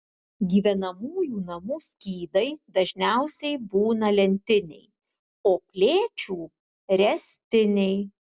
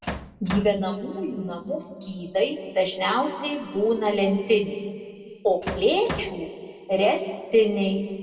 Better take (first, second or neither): first